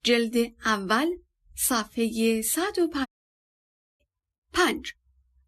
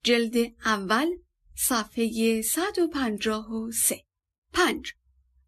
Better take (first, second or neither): second